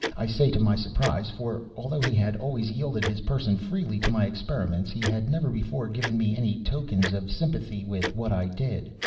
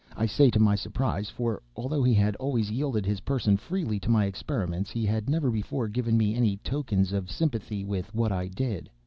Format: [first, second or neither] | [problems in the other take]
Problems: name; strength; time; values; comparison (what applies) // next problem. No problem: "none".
second | background sound (Tick-tock); 12 dB below the speech // room echo; dies away in 0.9 s